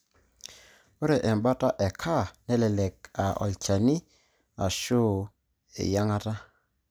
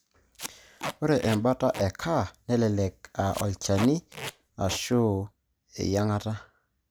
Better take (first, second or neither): first